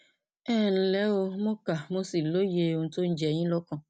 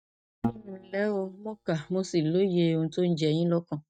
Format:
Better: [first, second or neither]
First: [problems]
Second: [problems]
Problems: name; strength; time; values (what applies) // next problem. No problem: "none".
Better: first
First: none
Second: noise reduction (neural mask model DeepFilterNet 3)